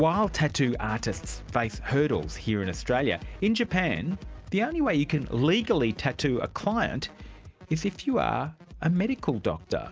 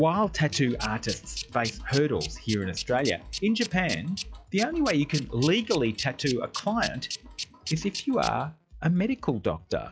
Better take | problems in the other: first | noise reduction (classical method log-MMSE)

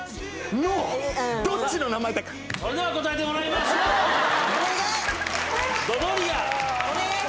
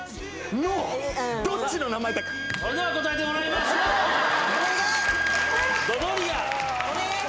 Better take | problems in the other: first | background sound (Wind instrument, woodwind instrument); 5 dB below the speech

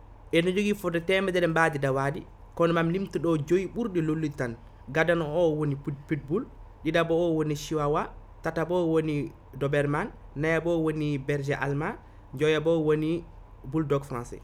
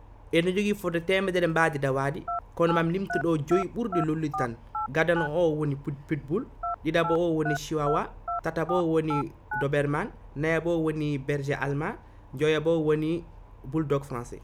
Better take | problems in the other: first | background sound (Telephone); 7 dB below the speech

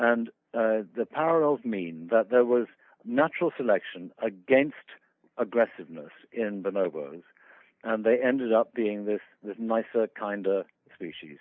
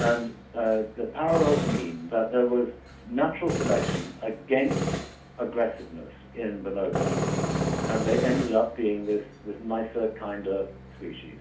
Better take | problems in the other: first | background sound (Tools); 4 dB below the speech // room echo; dies away in 0.4 s

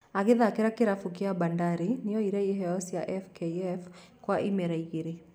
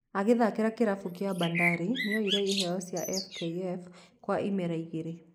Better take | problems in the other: first | noise reduction (neural mask model Resemble Enhance denoiser)

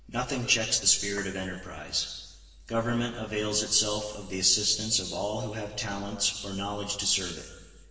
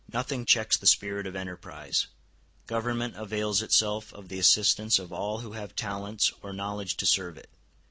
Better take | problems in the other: second | background sound (Piano); 18 dB below the speech // room echo; dies away in 1.4 s

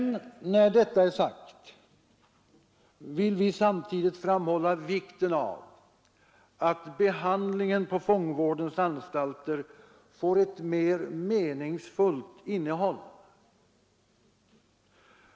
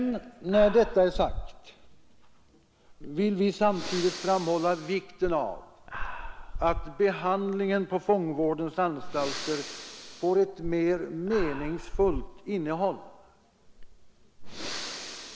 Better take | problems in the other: first | background sound (Breathing); 9 dB below the speech

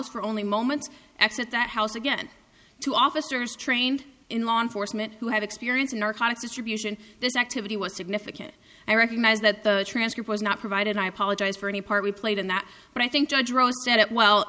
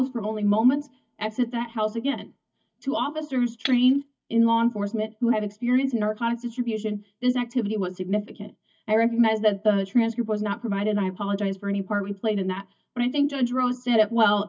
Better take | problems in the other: first | noise reduction (neural mask model DeepFilterNet 3)

